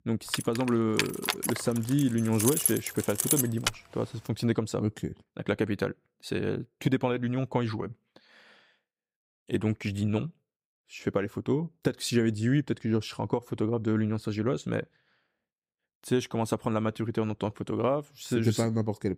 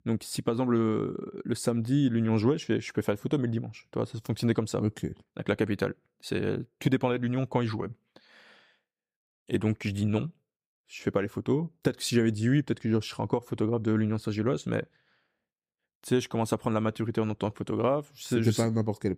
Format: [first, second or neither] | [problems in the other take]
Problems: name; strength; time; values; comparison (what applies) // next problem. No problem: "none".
second | jangling keys; loud; until 3.5 s; peak 4 dB above the speech